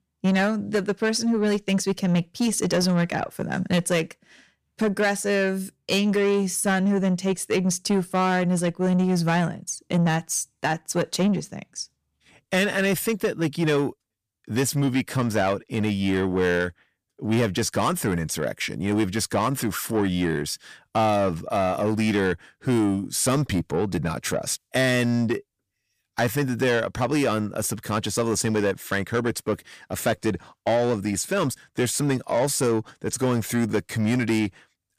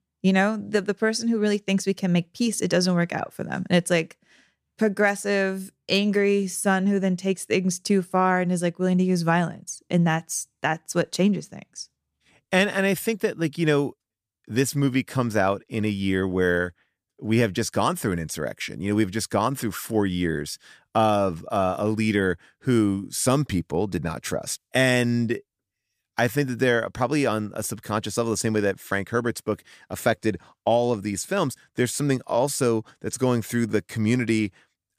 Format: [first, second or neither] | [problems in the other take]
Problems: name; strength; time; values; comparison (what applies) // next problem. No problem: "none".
second | distortion; slight; 10 dB below the speech